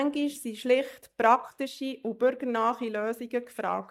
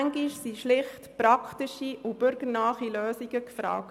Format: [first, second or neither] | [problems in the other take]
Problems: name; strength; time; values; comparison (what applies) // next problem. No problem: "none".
second | noise reduction (neural mask model DeepFilterNet 3)